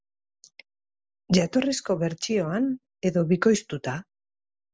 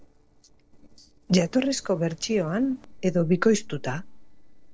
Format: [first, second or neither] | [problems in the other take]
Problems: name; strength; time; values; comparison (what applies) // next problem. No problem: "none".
first | noise reduction (neural separator model SepFormer DNS4)